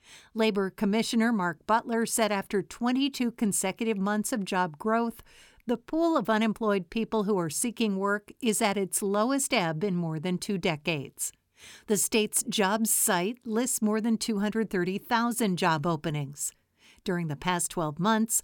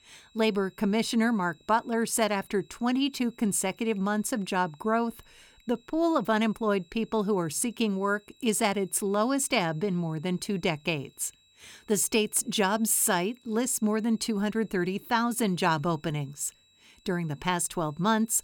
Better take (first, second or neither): first